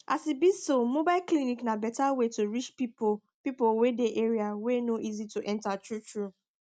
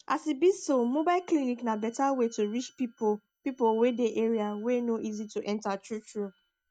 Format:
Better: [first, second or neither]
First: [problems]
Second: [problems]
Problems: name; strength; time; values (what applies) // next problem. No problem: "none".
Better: first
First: none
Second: noise reduction (neural mask model DeepFilterNet 3)